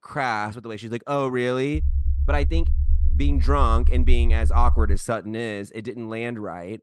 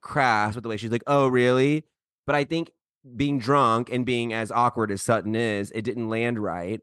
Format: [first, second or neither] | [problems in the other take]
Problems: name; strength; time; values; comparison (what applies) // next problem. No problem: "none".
second | low rumble; noticeable; from 2 to 5 s; 15 dB below the speech